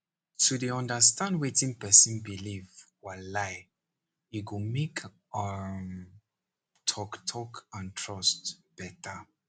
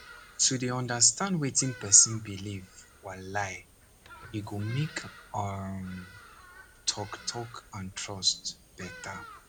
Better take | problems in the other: first | background sound (Bird vocalization, bird call, bird song); 19 dB below the speech

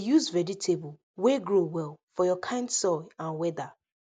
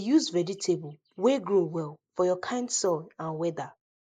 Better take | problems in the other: first | noise reduction (neural mask model Resemble Enhance denoiser)

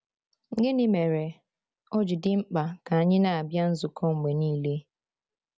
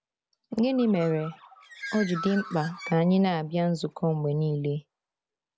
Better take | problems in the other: first | background sound (Bird); 16 dB below the speech

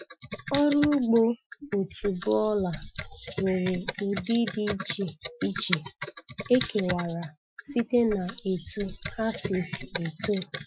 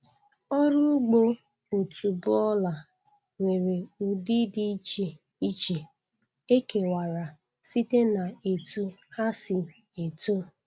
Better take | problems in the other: second | noise reduction (classical method Wiener filter)

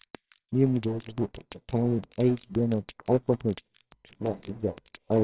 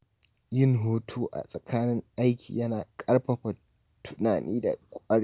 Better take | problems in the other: second | noise reduction (neural separator model SepFormer WHAMR!)

